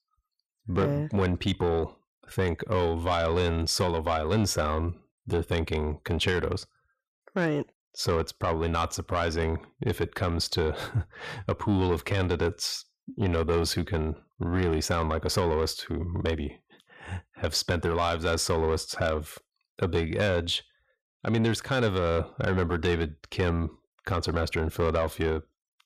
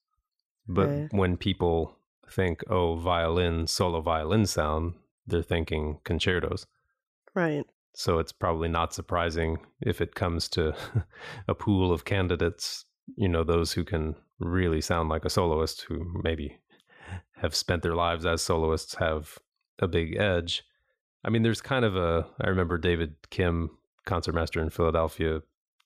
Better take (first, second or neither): second